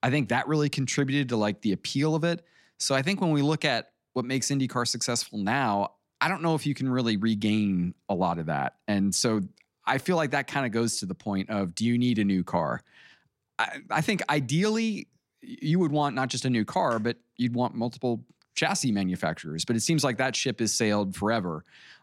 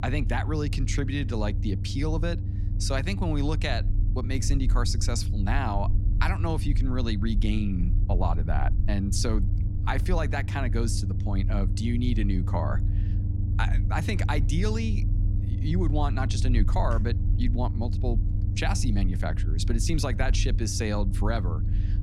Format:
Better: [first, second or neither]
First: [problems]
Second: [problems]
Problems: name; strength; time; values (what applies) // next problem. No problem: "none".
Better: first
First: none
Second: low rumble; noticeable; throughout; 10 dB below the speech